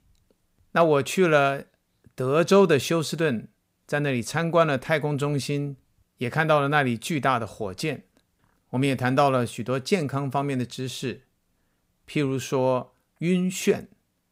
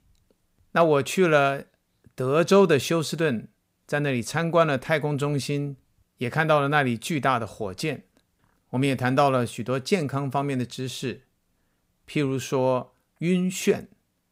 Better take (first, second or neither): neither